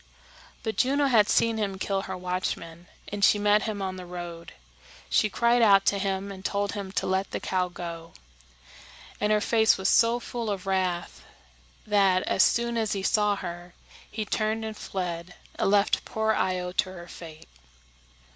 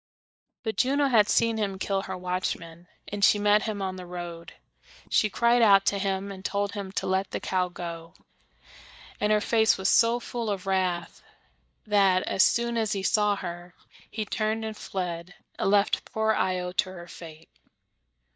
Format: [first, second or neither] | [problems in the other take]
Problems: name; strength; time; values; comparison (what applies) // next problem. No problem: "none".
first | noise reduction (neural mask model DeepFilterNet 3)